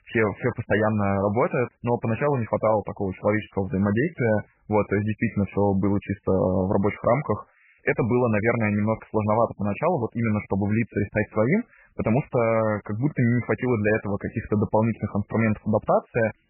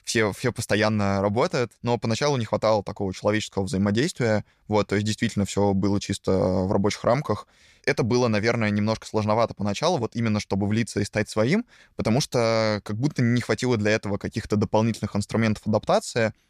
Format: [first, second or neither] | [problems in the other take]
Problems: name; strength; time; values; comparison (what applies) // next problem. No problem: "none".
second | garbled, watery; badly; nothing above 2.5 kHz